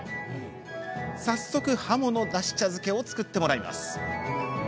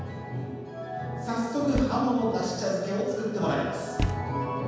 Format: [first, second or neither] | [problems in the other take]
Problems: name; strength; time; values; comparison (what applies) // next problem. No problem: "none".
first | background sound (Thump, thud); 9 dB below the speech // room echo; dies away in 1.2 s